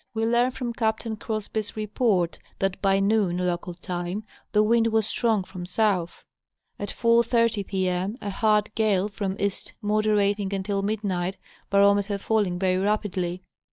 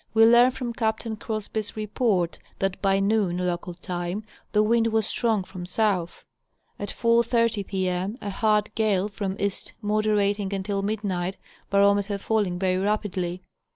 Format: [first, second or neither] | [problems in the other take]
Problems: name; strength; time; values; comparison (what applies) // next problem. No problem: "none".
second | noise reduction (neural mask model DeepFilterNet 3)